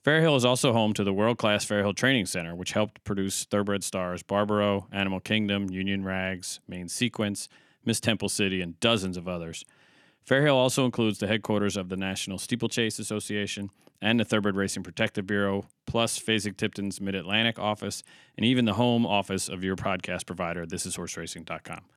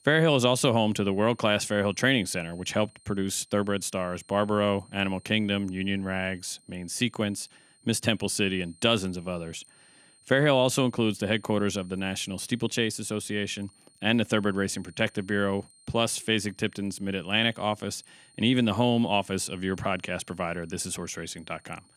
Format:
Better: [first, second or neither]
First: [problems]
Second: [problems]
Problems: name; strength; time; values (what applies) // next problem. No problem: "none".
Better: first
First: none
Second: high-pitched whine; faint; throughout; 8.5 kHz, 30 dB below the speech